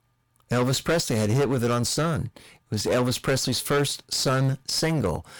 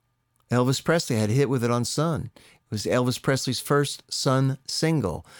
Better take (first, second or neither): second